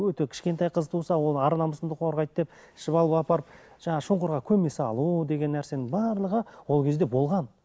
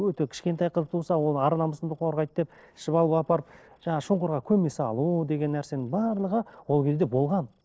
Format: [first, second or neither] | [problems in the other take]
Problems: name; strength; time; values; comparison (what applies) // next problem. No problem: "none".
first | noise reduction (neural separator model SepFormer DNS4)